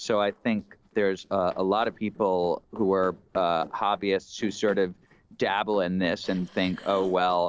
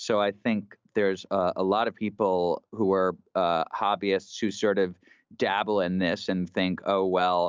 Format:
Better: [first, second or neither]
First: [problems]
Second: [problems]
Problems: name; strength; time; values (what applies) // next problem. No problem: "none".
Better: second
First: noise reduction (neural separator model SepFormer DNS4)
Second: none